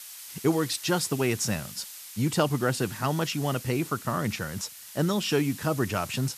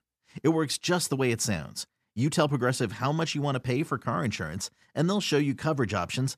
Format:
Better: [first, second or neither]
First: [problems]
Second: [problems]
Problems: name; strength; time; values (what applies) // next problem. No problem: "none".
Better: second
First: hiss; noticeable; throughout; 15 dB below the speech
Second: none